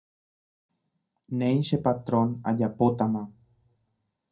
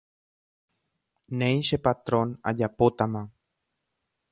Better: second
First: room echo; dies away in 0.3 s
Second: none

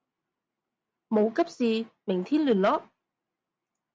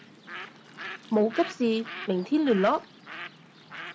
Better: first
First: none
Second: background sound (Bird); 14 dB below the speech

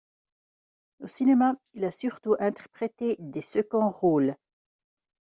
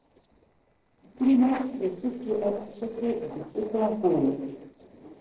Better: first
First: none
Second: noise reduction (neural separator model SepFormer DNS4)

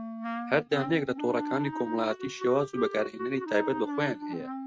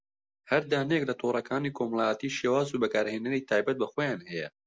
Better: second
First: noise reduction (neural mask model RNNoise)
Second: none

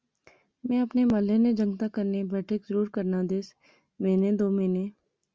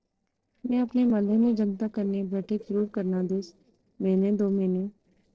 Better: first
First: none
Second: noise reduction (neural separator model SepFormer DNS4)

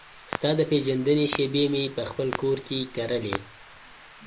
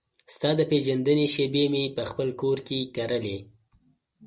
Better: second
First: background sound (Clock); 13 dB below the speech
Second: none

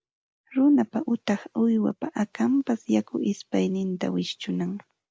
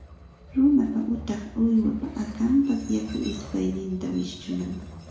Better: first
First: none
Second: background sound (Train); 16 dB below the speech // room echo; dies away in 0.6 s

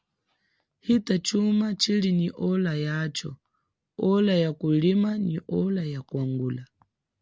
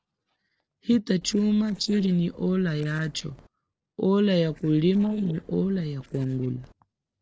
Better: first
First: none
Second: noise reduction (neural separator model SepFormer DNS4)

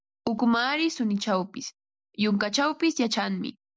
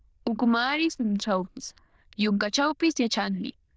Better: first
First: none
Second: noise reduction (neural diffusion model UNIVERSE++)

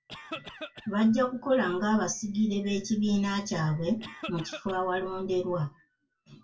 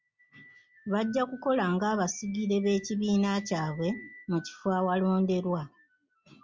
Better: second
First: noise reduction (neural separator model SepFormer DNS4)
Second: none

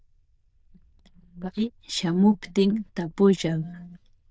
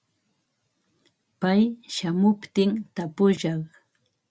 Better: second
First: noise reduction (neural diffusion model UNIVERSE++)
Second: none

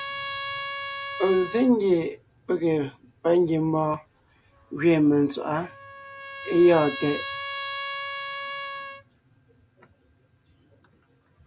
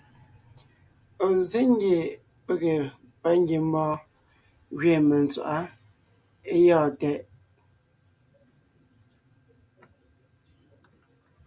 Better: second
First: background sound (Trumpet); 11 dB below the speech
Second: none

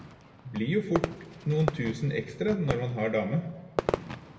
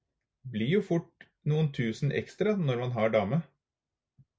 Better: second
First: background sound (Fireworks); 6 dB below the speech // room echo; dies away in 1.5 s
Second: none

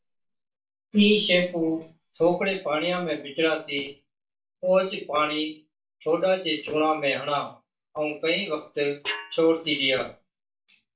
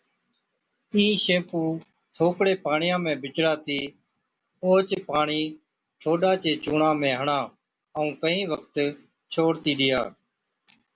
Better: second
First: noise reduction (neural mask model DeepFilterNet 3)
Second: none

